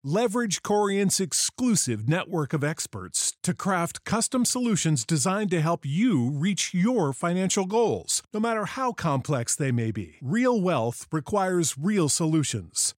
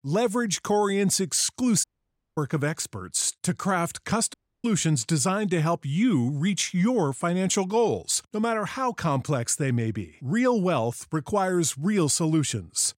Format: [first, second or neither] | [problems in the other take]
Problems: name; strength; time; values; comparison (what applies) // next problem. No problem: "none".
first | audio cutting out; at 2 s for 0.5 s and at 4.5 s